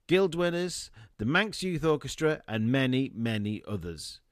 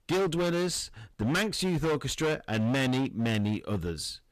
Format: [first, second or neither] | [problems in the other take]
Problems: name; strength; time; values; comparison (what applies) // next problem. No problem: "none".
first | distortion; heavy; 25% of the sound clipped